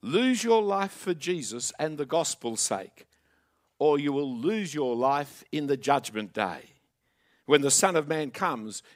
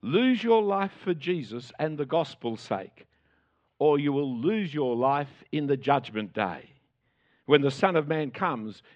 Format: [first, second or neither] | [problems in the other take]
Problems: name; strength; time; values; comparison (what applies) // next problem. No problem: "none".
first | muffled; very; fading above 3 kHz